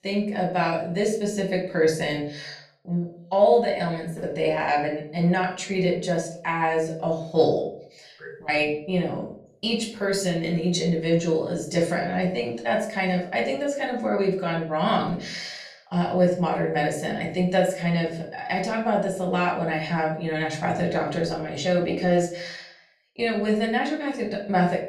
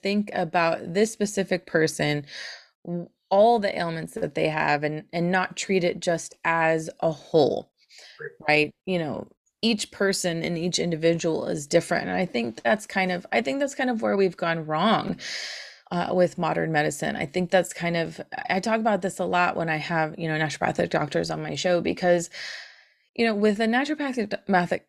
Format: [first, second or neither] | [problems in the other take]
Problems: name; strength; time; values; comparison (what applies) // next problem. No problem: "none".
second | room echo; slight; dies away in 0.4 s // off-mic speech; far